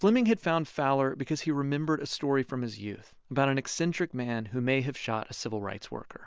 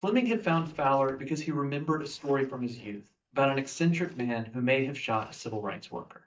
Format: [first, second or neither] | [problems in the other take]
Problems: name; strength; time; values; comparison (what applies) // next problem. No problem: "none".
first | noise reduction (neural mask model DeepFilterNet 3)